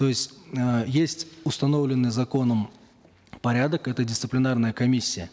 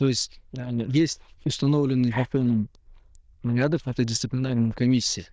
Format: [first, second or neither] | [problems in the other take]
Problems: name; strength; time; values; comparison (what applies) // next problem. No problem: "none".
first | noise reduction (neural diffusion model UNIVERSE++)